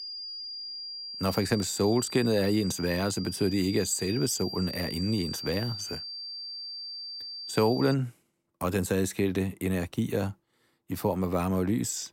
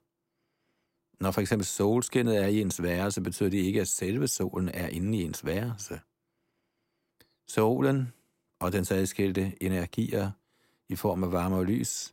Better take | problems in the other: second | high-pitched whine; loud; until 8 s; 4.5 kHz, 8 dB below the speech

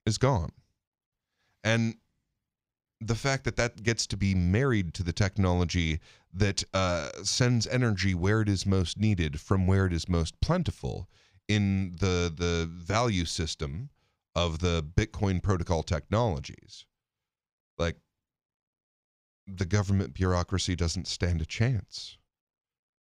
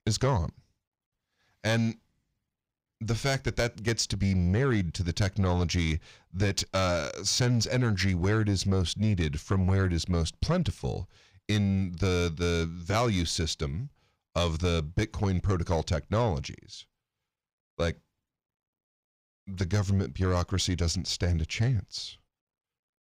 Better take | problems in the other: first | distortion; slight; 10 dB below the speech

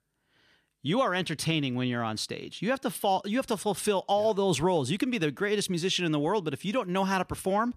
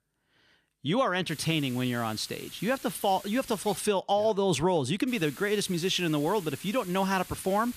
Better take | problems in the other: first | hiss; noticeable; from 1.5 to 4 s and from 5 s on; 15 dB below the speech

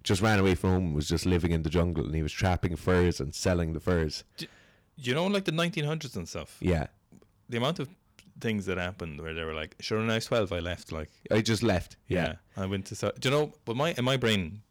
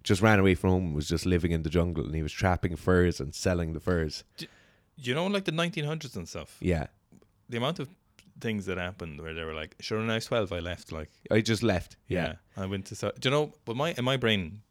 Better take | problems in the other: second | distortion; slight; 3% of the sound clipped

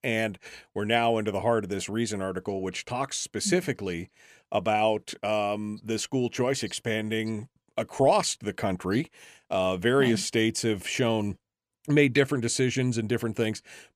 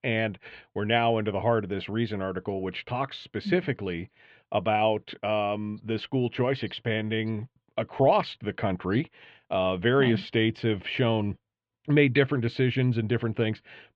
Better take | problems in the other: first | muffled; very; fading above 3.5 kHz

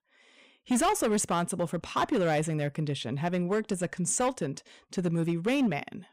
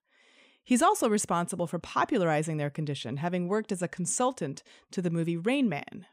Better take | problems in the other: second | distortion; slight; 7% of the sound clipped

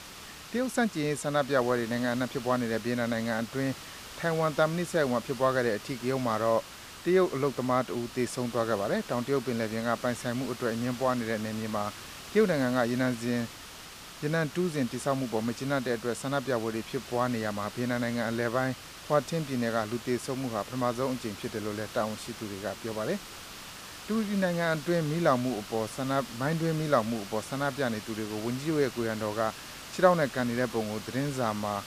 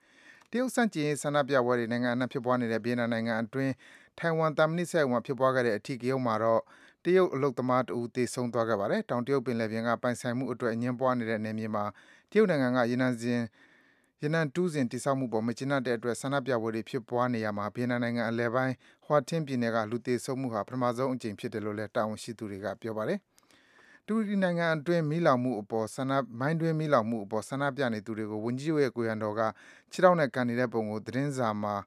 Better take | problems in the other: second | hiss; noticeable; throughout; 15 dB below the speech

